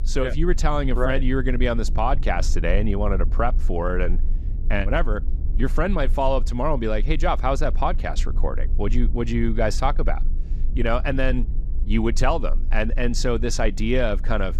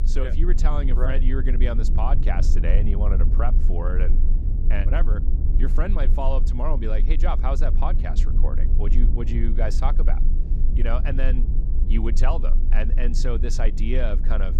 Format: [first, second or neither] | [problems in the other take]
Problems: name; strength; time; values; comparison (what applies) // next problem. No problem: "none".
first | low rumble; loud; throughout; 10 dB below the speech; faint in the first